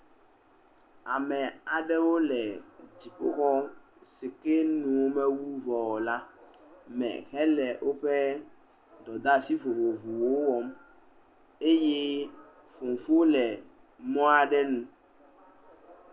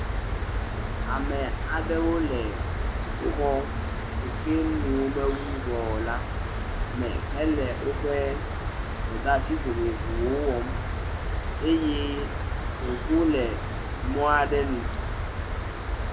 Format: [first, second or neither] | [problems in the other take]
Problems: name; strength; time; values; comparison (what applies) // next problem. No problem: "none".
first | background sound (Cricket); as loud as the speech